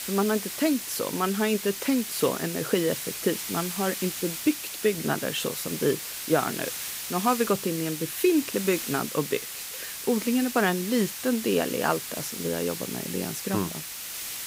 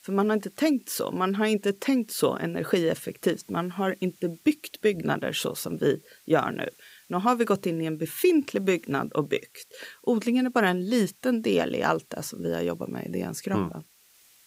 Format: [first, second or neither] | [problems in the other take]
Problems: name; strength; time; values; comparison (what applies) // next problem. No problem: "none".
second | hiss; loud; throughout; 5 dB below the speech; faint in the second